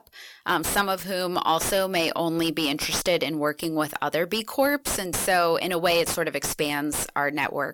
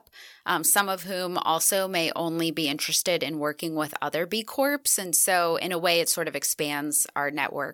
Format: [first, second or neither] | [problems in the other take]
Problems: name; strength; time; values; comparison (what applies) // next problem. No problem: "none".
second | distortion; heavy; 6 dB below the speech